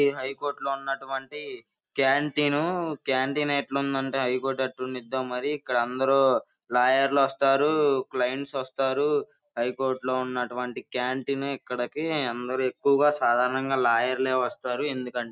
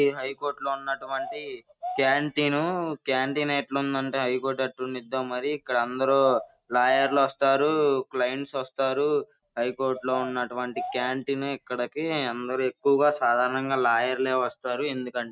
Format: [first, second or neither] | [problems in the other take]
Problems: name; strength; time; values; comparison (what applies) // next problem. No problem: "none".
first | noise reduction (neural mask model RNNoise)